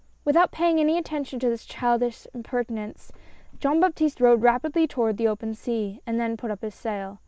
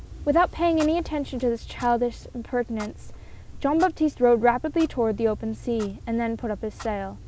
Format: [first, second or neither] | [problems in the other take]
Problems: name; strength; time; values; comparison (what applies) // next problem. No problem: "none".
first | background sound (Clock); 15 dB below the speech